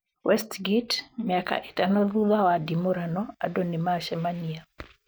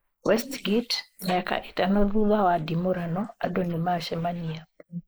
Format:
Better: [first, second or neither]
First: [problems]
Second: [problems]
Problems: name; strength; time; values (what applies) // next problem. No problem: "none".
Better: first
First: none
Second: noise reduction (neural mask model Resemble Enhance denoiser)